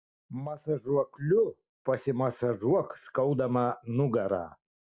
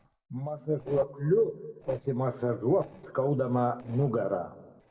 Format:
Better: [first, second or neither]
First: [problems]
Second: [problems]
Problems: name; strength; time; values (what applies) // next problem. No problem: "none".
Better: first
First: none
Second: noise reduction (neural separator model SepFormer DNS4)